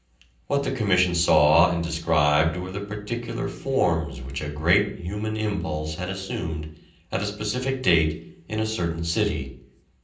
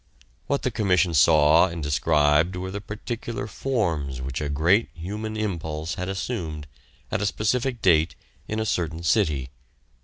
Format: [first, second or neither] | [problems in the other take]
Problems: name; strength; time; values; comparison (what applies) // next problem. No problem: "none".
second | room echo; dies away in 0.6 s